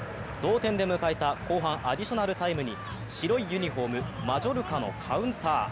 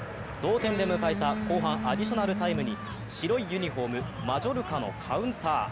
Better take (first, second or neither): first